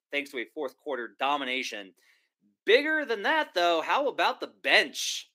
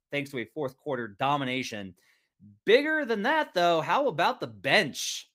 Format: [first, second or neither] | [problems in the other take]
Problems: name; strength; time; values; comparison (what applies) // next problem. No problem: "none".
second | thin; very slightly; fading below 300 Hz